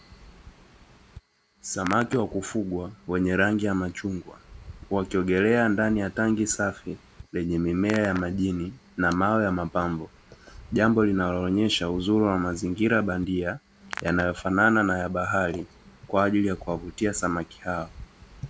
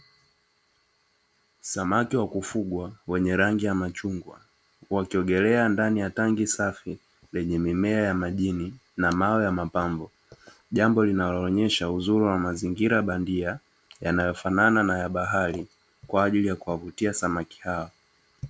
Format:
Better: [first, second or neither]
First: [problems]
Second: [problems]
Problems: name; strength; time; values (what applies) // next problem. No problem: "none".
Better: second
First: background sound (Hands); 20 dB below the speech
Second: none